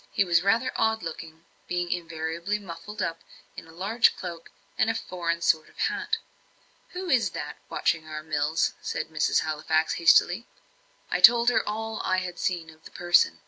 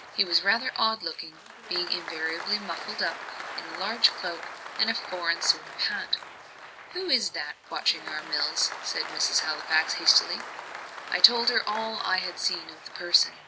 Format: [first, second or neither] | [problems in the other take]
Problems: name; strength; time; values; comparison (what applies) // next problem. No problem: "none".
first | background sound (Applause); 11 dB below the speech